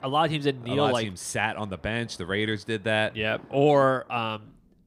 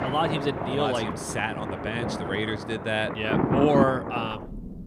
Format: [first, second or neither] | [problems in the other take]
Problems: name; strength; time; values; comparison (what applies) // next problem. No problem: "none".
first | rain or running water; loud; throughout; 2 dB below the speech; faint in the first